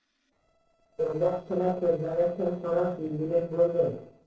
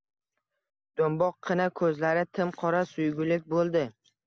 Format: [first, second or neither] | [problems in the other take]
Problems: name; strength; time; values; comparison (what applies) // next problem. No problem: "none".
second | noise reduction (neural separator model SepFormer DNS4)